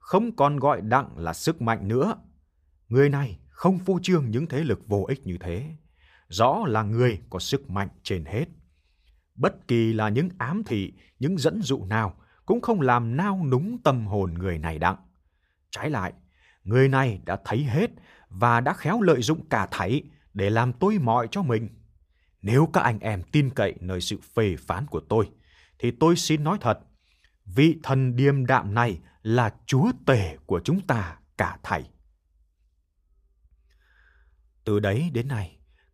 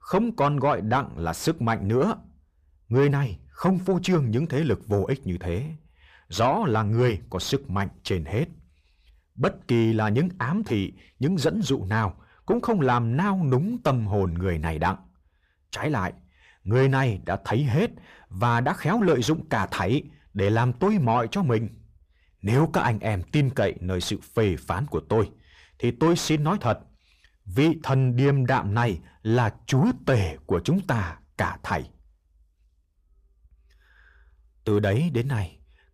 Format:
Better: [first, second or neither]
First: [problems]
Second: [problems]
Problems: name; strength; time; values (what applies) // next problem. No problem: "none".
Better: first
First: none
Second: distortion; slight; 10 dB below the speech